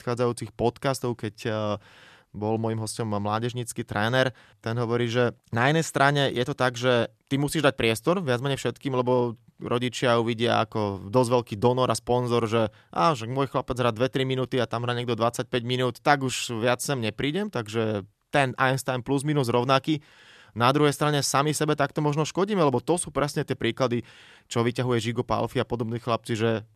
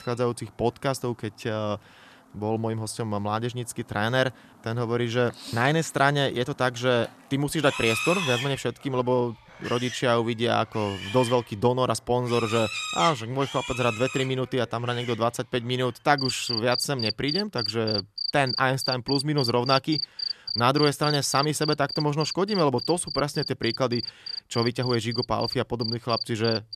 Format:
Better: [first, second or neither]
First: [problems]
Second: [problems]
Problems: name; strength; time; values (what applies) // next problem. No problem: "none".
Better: first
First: none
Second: animal sounds; loud; throughout; 5 dB below the speech